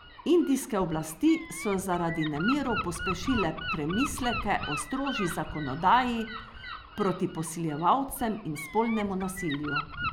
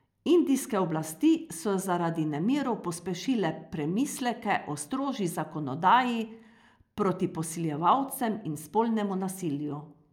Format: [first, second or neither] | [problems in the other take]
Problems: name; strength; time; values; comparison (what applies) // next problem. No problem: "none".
second | background sound (Gull, seagull / Wind); 8 dB below the speech